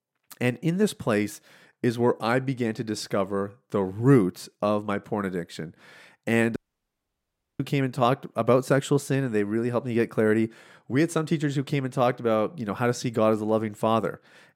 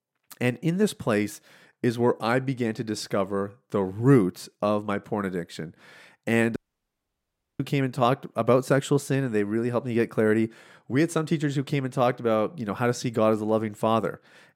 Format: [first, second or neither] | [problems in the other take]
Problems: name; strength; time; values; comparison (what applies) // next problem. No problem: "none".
neither | audio cutting out; at 6.5 s for 1 s; the same in both